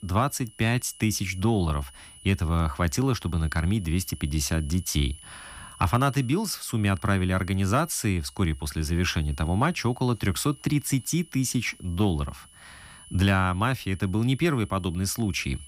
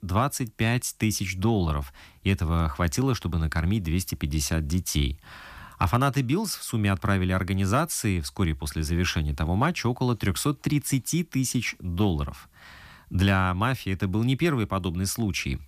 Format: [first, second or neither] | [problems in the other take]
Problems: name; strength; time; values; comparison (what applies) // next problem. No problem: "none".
second | high-pitched whine; faint; throughout; 10 kHz, 20 dB below the speech